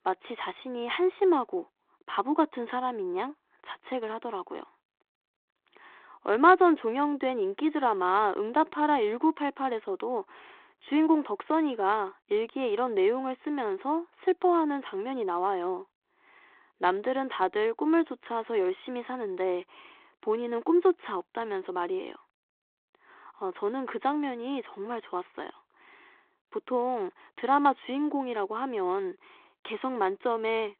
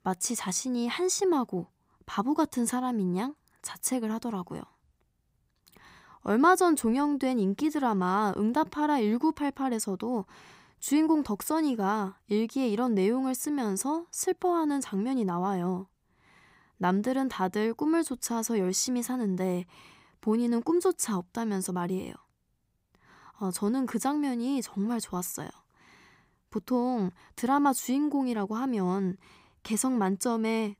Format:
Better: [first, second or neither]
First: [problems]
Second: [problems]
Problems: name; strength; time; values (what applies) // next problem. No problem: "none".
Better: second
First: phone-call audio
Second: none